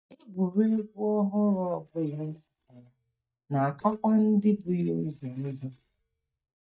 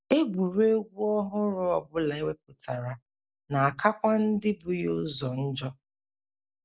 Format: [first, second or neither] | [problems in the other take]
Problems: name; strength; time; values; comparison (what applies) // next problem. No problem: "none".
second | noise reduction (neural mask model DeepFilterNet 3)